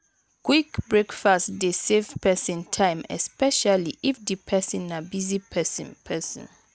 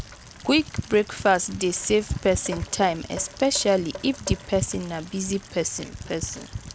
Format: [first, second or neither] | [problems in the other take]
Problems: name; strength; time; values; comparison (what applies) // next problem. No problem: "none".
first | background sound (Rain); 11 dB below the speech